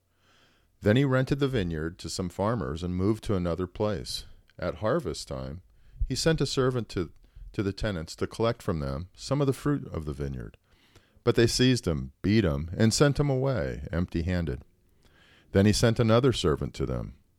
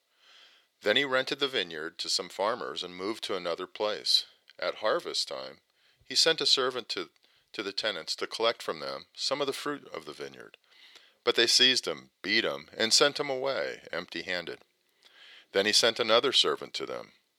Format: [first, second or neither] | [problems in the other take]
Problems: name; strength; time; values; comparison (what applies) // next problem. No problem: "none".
first | thin; very; fading below 550 Hz